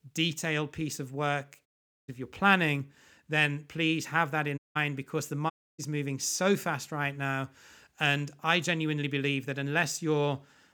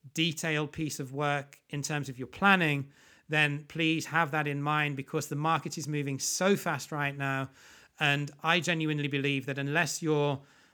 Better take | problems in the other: second | audio cutting out; at 1.5 s, at 4.5 s and at 5.5 s

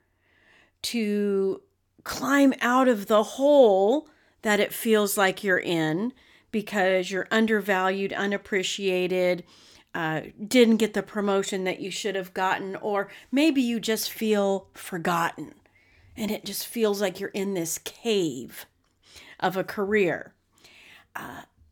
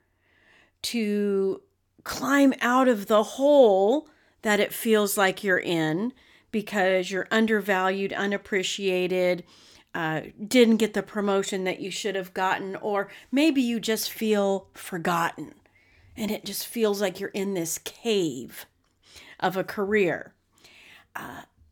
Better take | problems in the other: neither | none

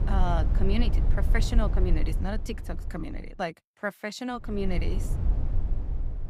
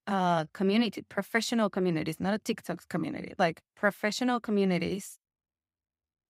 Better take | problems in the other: second | low rumble; loud; until 3.5 s and from 4.5 s on; 10 dB below the speech

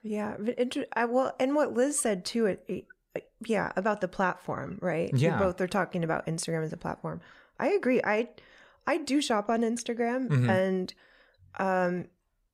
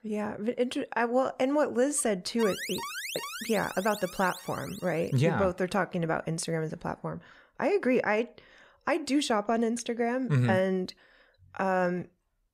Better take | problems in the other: first | alarm; noticeable; from 2.5 to 5 s; peak 5 dB below the speech

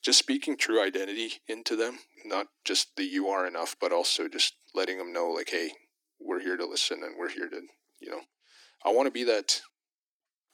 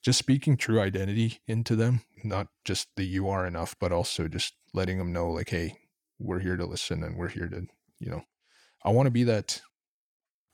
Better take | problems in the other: second | thin; somewhat; fading below 300 Hz

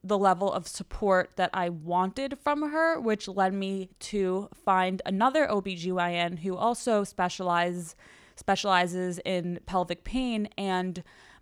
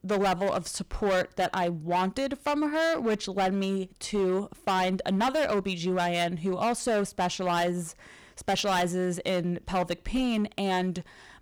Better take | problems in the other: first | distortion; heavy; 12% of the sound clipped

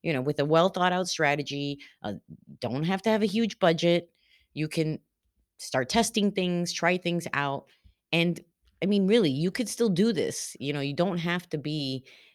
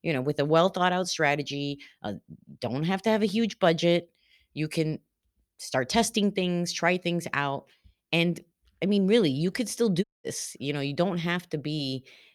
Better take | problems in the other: first | audio cutting out; at 10 s

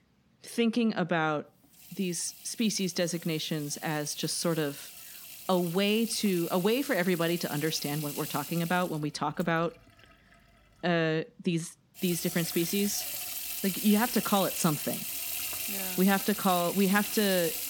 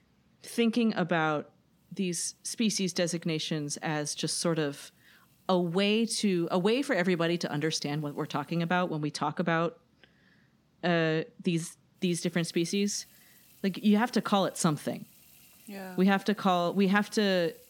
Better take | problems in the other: second | household noises; loud; throughout; 6 dB below the speech; faint in the second

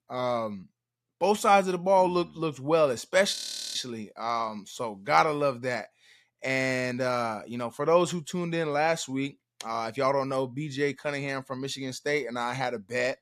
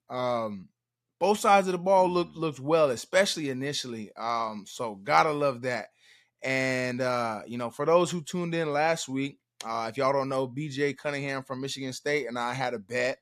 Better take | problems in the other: second | audio freezing; at 3.5 s

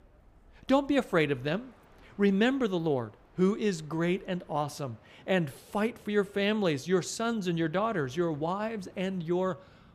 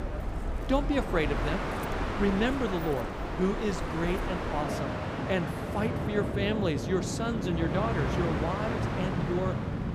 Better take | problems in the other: first | train or aircraft noise; loud; throughout; 1 dB below the speech; faint in the first

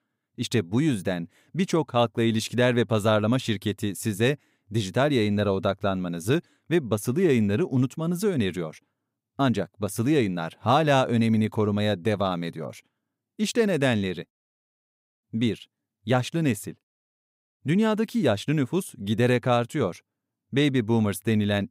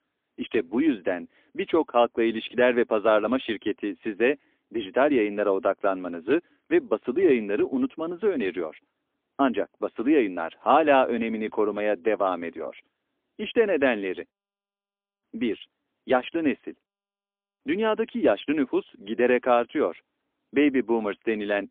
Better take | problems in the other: first | phone-call audio; poor line; nothing above 3.5 kHz

